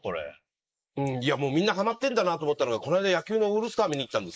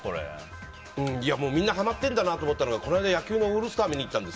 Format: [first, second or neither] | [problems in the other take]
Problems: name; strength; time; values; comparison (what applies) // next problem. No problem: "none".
second | noise reduction (neural mask model Resemble Enhance denoiser)